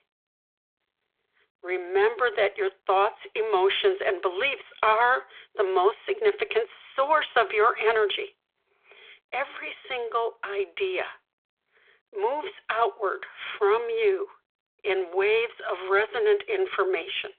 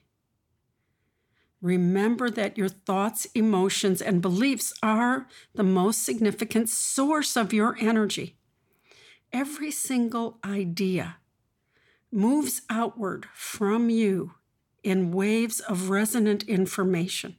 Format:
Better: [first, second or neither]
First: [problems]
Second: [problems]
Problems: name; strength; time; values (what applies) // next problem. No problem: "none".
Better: second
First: phone-call audio; nothing above 3.5 kHz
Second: none